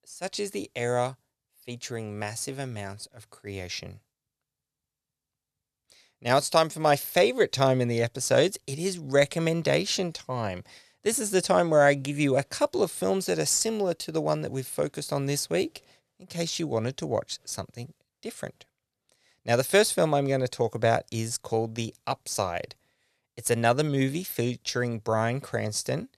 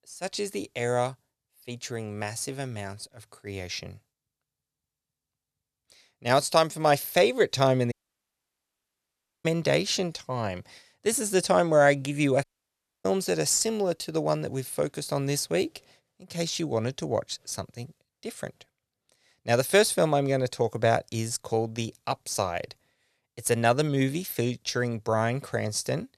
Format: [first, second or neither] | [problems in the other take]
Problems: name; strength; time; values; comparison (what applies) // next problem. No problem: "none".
first | audio cutting out; at 8 s for 1.5 s and at 12 s for 0.5 s